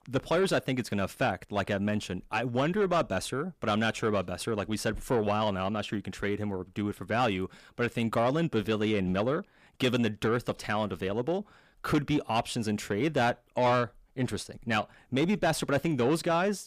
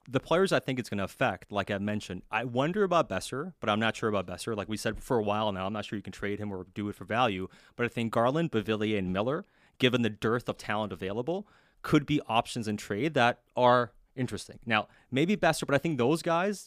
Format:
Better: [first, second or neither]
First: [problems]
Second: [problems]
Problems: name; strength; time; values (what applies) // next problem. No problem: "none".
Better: second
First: distortion; slight; 10 dB below the speech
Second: none